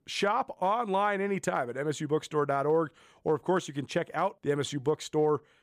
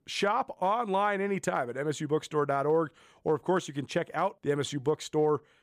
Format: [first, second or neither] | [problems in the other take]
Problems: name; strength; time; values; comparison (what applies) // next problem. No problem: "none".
neither | none